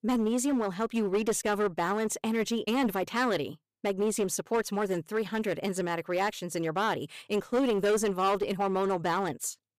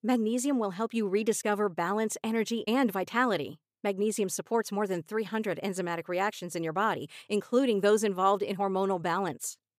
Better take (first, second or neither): second